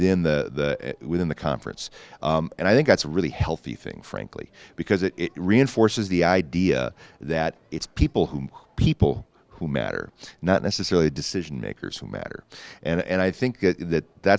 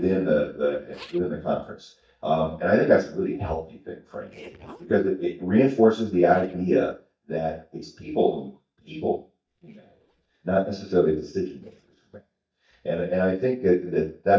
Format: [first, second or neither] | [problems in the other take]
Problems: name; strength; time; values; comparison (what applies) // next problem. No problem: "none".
first | noise reduction (neural mask model DeepFilterNet 3)